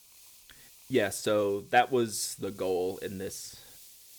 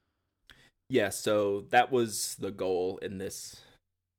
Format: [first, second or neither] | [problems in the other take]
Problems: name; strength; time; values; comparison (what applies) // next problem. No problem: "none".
second | hiss; faint; throughout; 20 dB below the speech